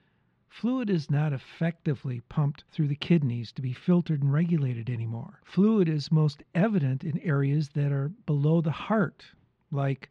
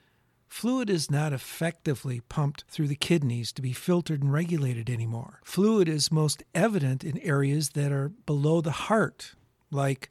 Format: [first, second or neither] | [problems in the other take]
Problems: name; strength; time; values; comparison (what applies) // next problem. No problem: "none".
second | muffled; slightly; fading above 3.5 kHz